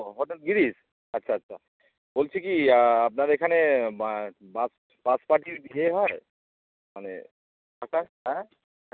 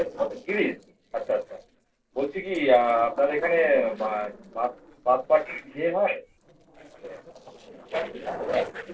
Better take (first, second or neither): first